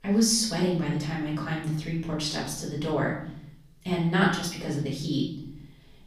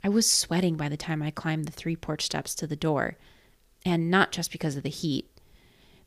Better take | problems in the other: second | room echo; noticeable; dies away in 0.7 s // off-mic speech; far

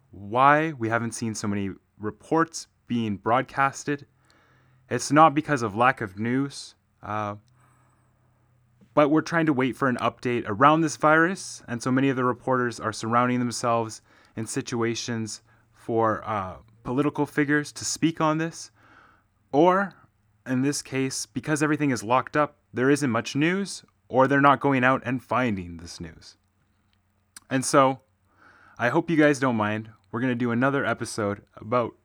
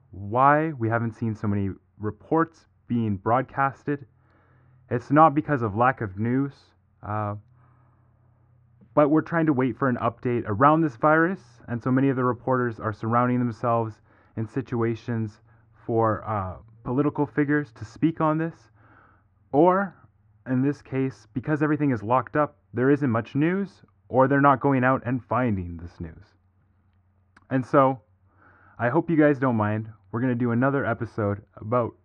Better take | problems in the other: first | muffled; very; fading above 1.5 kHz

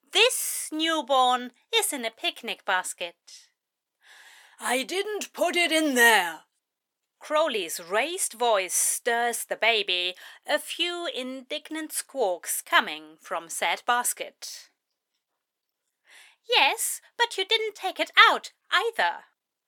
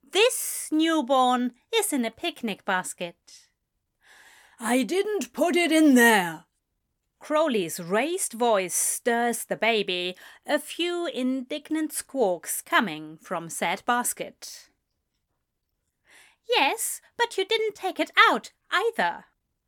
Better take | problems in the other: second | thin; somewhat; fading below 500 Hz

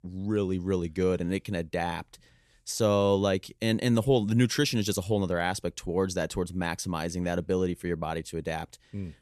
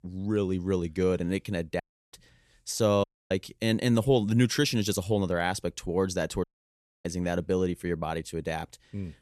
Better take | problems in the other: first | audio cutting out; at 2 s, at 3 s and at 6.5 s for 0.5 s

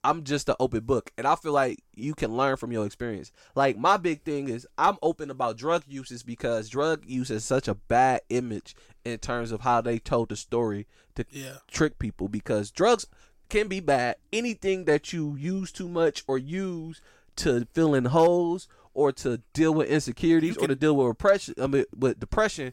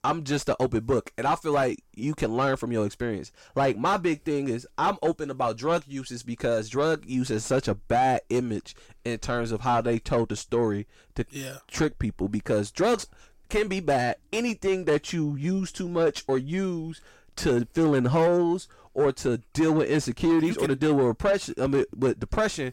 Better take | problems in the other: first | distortion; slight; 10 dB below the speech

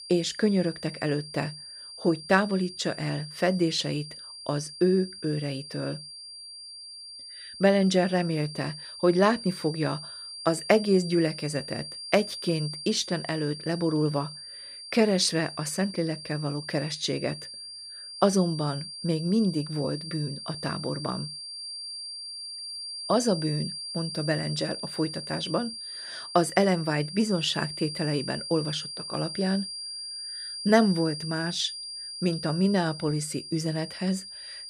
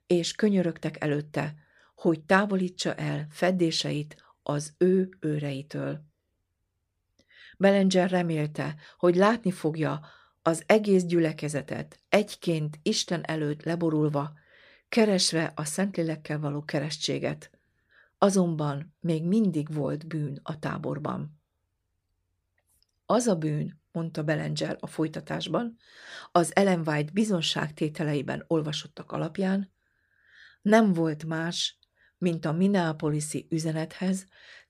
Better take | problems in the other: second | high-pitched whine; loud; throughout; 4.5 kHz, 9 dB below the speech

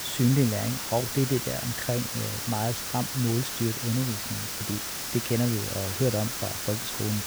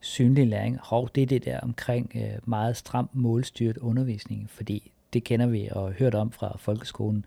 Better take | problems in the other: second | hiss; loud; throughout; 2 dB below the speech

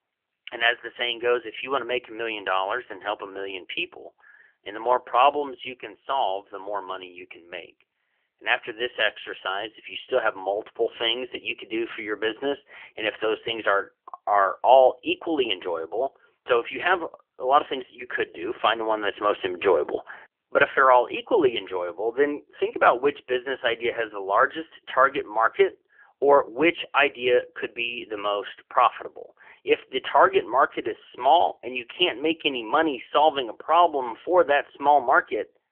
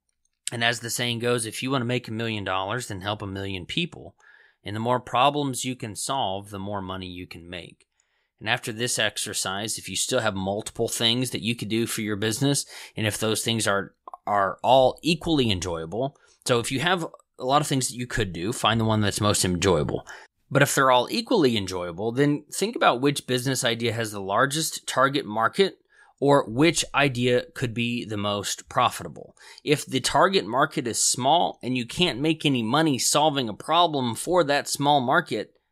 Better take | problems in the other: second | phone-call audio; poor line; nothing above 3 kHz

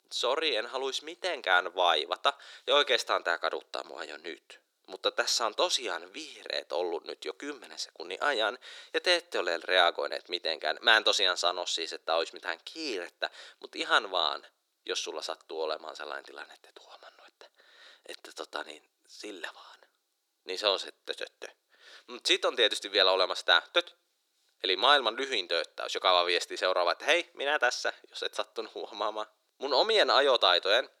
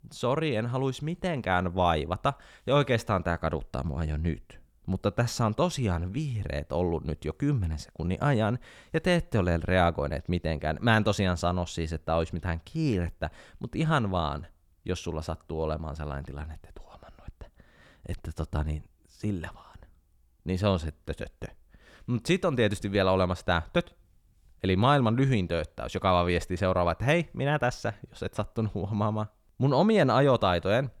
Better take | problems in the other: second | thin; very; fading below 350 Hz

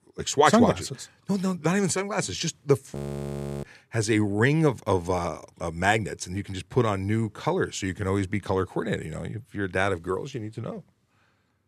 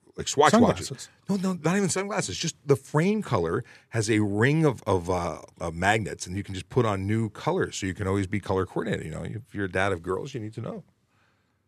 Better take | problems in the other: second | audio freezing; at 3 s for 0.5 s

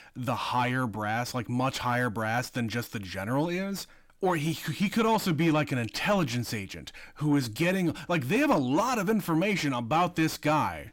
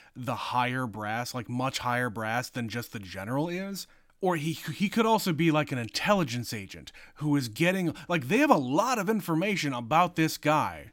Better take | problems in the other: second | distortion; slight; 10 dB below the speech

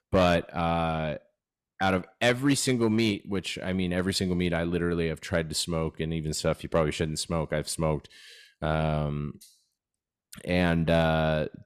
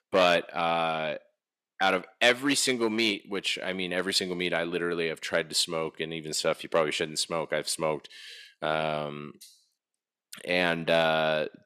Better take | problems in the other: first | thin; somewhat; fading below 300 Hz

